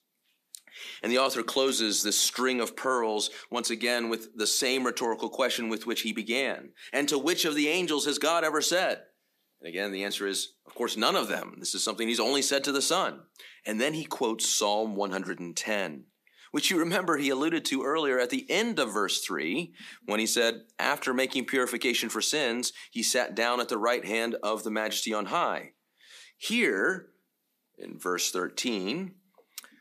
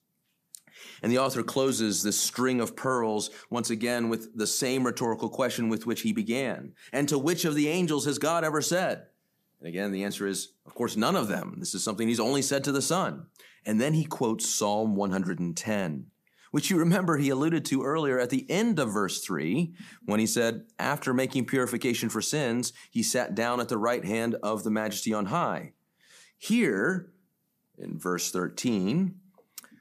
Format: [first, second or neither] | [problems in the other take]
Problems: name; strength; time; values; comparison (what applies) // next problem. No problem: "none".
second | thin; very slightly; fading below 300 Hz